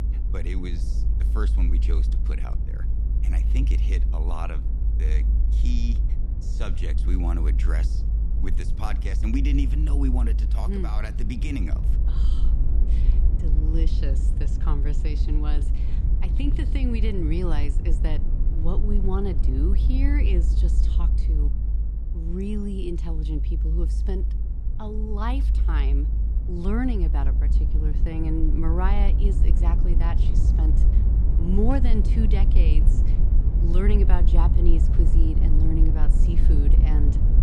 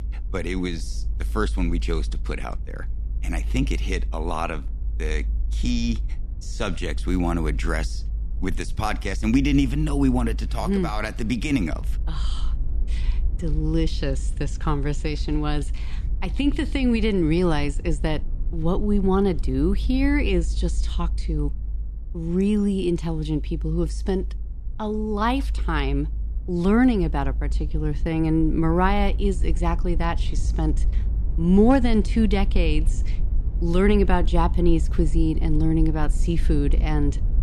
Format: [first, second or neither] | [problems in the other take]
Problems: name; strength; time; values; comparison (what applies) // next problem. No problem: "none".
second | low rumble; loud; throughout; 6 dB below the speech; faint in the second